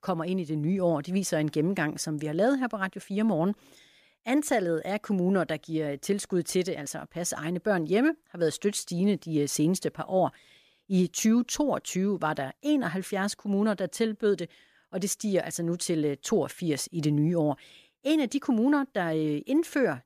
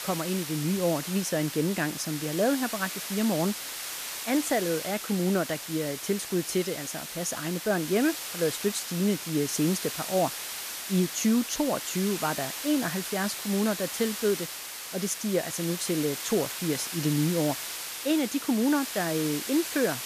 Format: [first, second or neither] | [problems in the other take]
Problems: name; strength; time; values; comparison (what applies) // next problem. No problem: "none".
first | hiss; loud; throughout; 5 dB below the speech